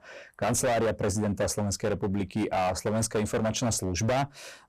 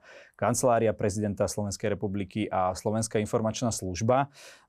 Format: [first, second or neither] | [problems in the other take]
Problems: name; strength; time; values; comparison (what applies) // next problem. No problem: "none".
second | distortion; heavy; 17% of the sound clipped